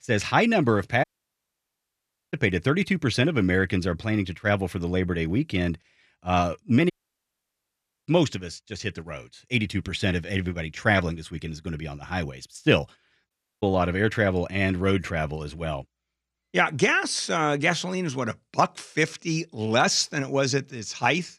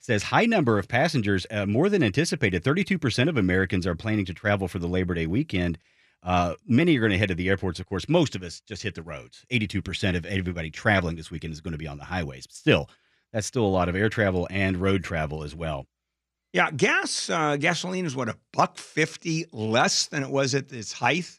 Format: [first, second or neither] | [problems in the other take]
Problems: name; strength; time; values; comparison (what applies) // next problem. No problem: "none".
second | audio cutting out; at 1 s for 1.5 s, at 7 s for 1 s and at 13 s